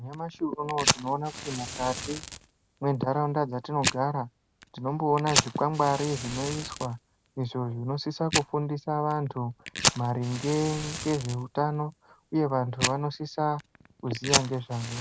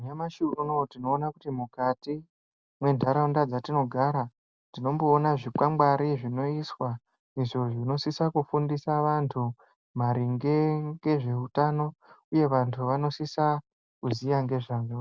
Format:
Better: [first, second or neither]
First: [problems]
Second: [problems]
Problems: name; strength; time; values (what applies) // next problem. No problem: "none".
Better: second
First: background sound (Fire); 5 dB below the speech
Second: none